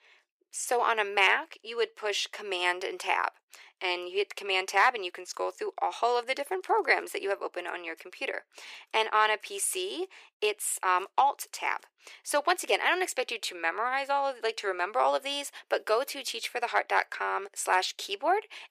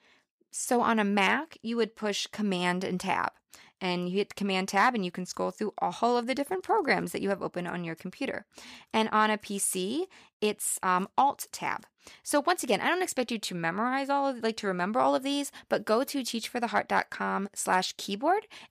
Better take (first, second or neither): second